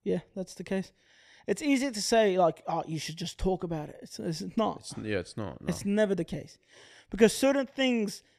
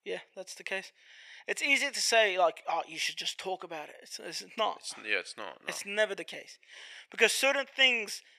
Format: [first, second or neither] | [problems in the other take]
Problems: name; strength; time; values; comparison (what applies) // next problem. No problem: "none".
first | thin; very; fading below 700 Hz